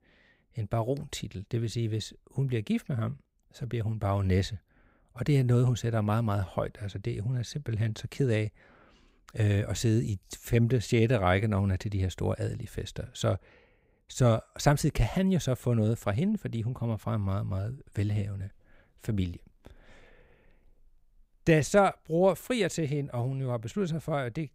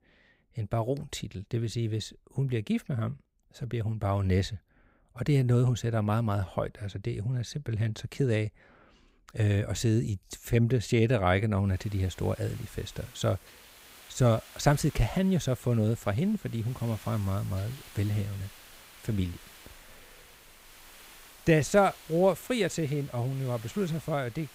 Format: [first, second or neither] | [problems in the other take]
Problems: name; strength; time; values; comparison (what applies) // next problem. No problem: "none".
first | hiss; faint; from 12 s on; 20 dB below the speech